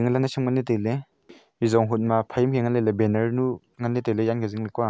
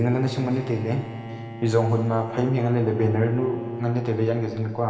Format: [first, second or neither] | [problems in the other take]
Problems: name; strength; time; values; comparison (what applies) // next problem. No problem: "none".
first | background sound (Bowed string instrument); 11 dB below the speech // room echo; dies away in 2.3 s